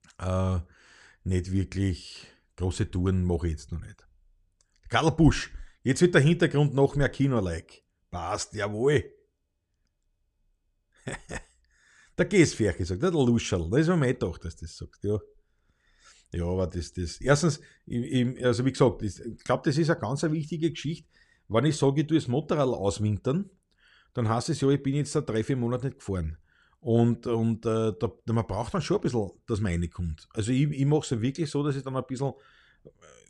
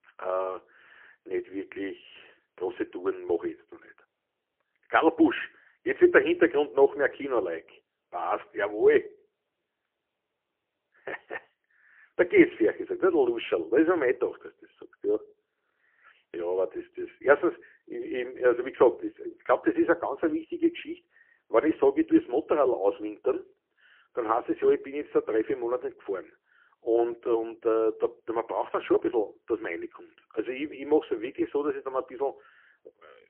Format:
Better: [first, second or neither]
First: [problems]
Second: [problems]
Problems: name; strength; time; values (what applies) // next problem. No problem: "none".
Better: first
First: none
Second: phone-call audio; poor line; nothing above 3 kHz